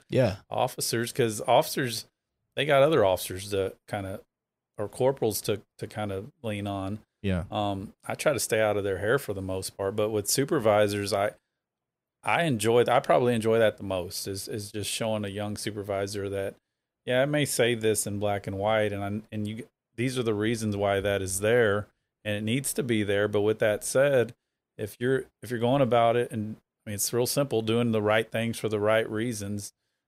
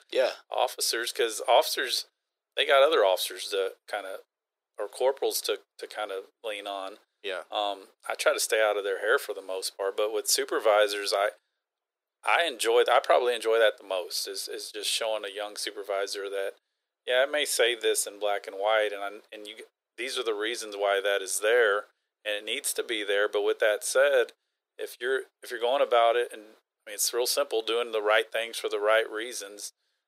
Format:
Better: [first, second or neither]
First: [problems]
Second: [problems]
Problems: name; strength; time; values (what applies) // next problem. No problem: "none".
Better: first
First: none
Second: thin; very; fading below 400 Hz